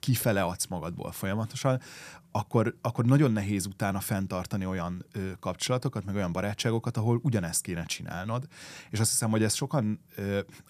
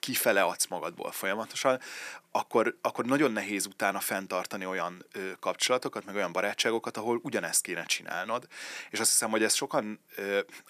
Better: first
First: none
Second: thin; somewhat; fading below 300 Hz

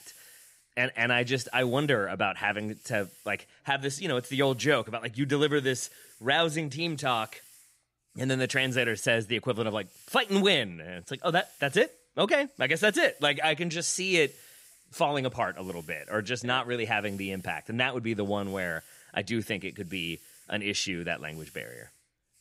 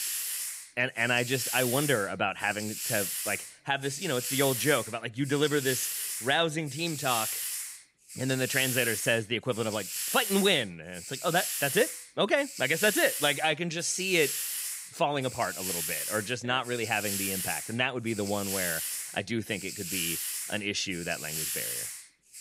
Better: first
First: hiss; faint; throughout; 25 dB below the speech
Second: hiss; loud; throughout; 4 dB below the speech

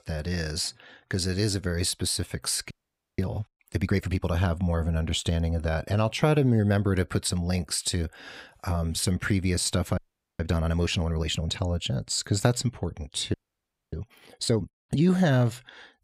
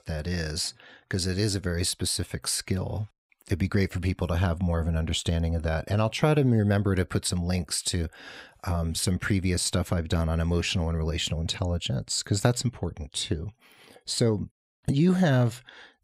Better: second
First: audio freezing; at 2.5 s, at 10 s and at 13 s for 0.5 s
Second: none

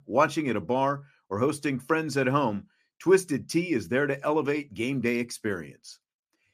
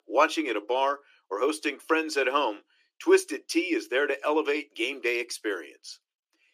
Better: first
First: none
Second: thin; somewhat; fading below 300 Hz

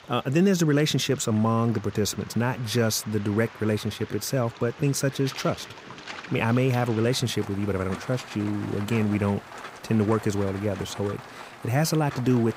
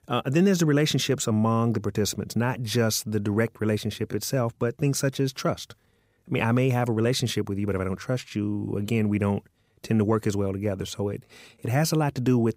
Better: second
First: rain or running water; noticeable; throughout; 15 dB below the speech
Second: none

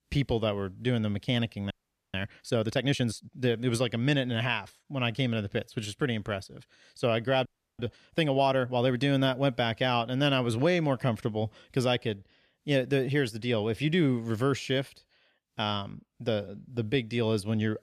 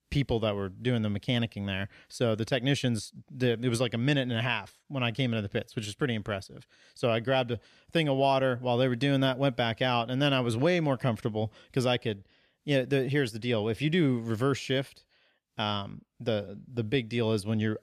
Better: second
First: audio freezing; at 1.5 s and at 7.5 s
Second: none

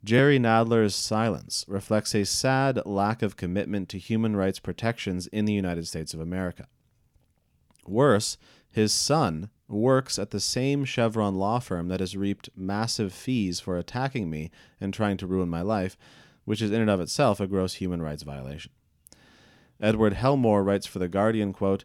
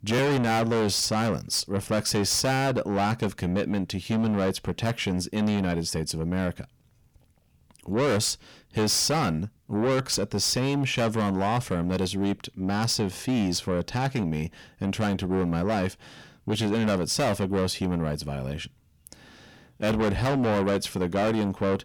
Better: first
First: none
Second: distortion; heavy; 6 dB below the speech

